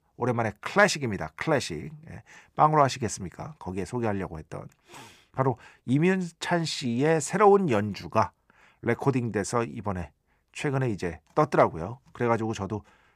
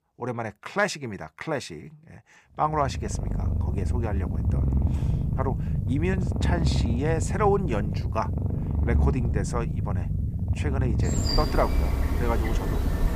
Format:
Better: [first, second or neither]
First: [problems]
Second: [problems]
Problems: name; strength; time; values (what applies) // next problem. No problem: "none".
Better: first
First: none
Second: animal sounds; very loud; from 3 s on; 3 dB above the speech